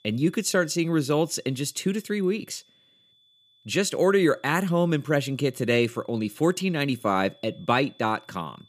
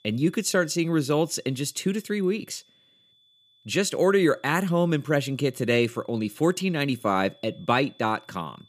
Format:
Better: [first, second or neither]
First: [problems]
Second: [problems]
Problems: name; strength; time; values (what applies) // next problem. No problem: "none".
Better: neither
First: high-pitched whine; faint; throughout; 3.5 kHz, 30 dB below the speech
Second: high-pitched whine; faint; throughout; 3.5 kHz, 30 dB below the speech